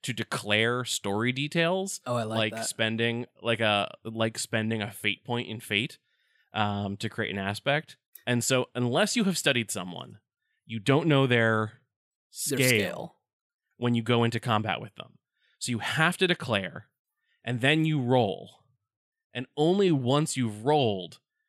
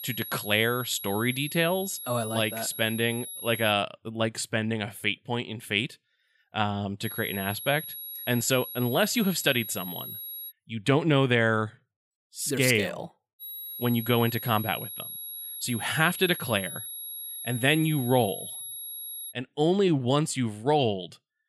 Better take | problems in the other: first | high-pitched whine; loud; until 3.5 s, from 7 to 11 s and from 13 to 19 s; 11.5 kHz, 9 dB below the speech

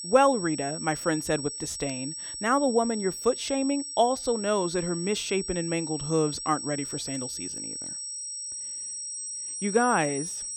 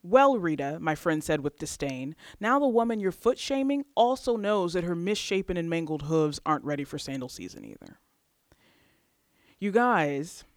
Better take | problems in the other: second | high-pitched whine; loud; throughout; 8 kHz, 6 dB below the speech

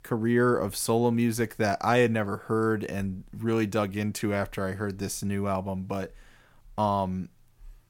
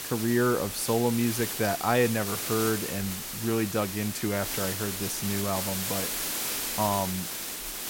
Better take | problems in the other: first | hiss; loud; throughout; 3 dB below the speech

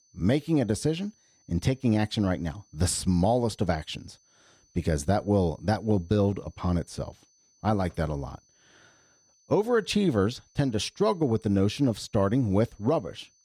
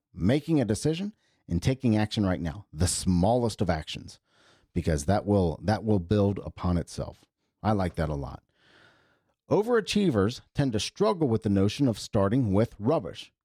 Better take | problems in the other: second | high-pitched whine; faint; throughout; 6 kHz, 35 dB below the speech

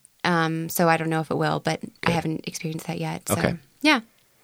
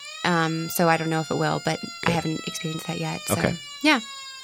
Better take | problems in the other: first | siren; noticeable; peak 10 dB below the speech

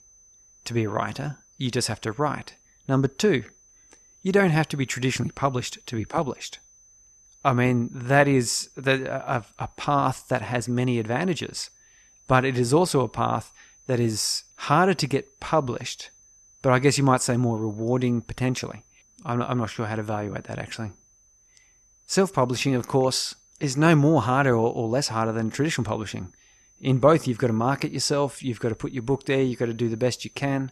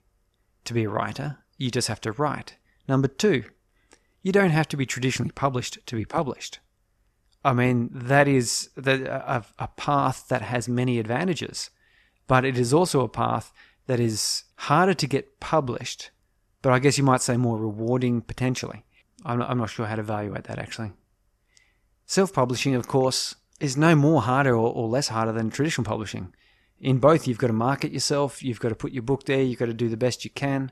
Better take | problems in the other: second | high-pitched whine; faint; throughout; 6 kHz, 30 dB below the speech

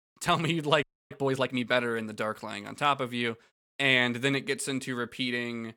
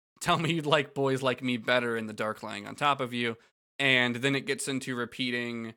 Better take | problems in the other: second | audio freezing; at 1 s

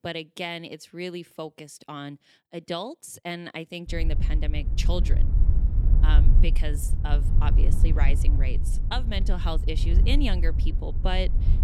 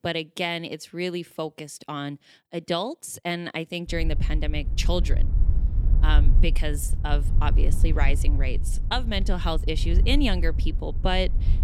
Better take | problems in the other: second | wind noise on the microphone; heavy; from 4 s on; 9 dB below the speech; occasional gusts in the second

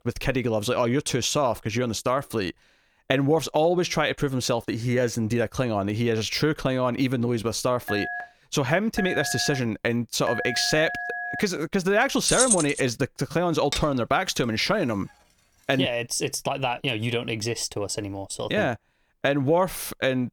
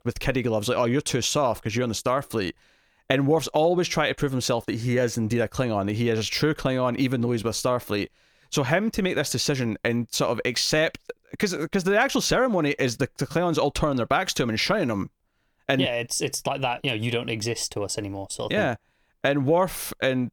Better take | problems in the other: second | phone ringing; noticeable; from 8 to 11 s; peak 5 dB below the speech // jangling keys; loud; at 12 s; peak 4 dB above the speech // clattering dishes; noticeable; at 14 s; peak 7 dB below the speech

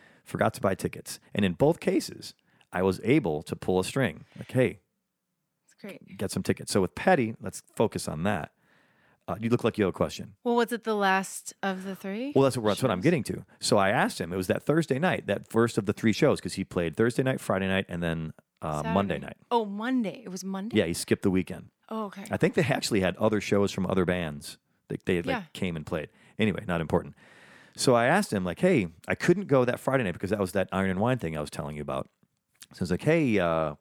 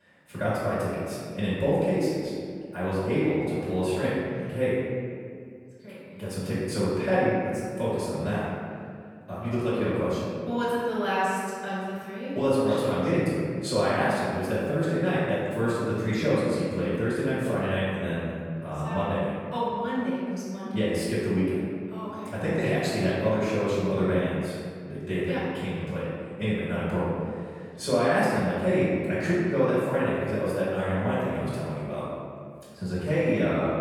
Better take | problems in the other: first | off-mic speech; far // room echo; strong; dies away in 2 s

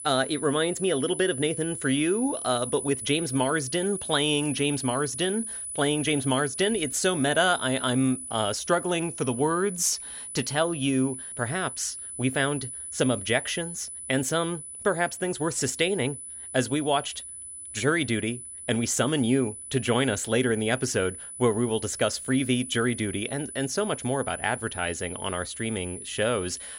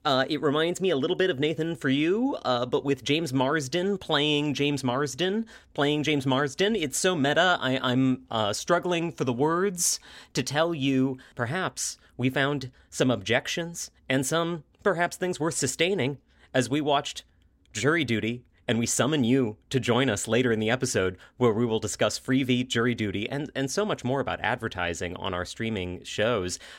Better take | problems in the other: second | high-pitched whine; loud; throughout; 10 kHz, 8 dB below the speech

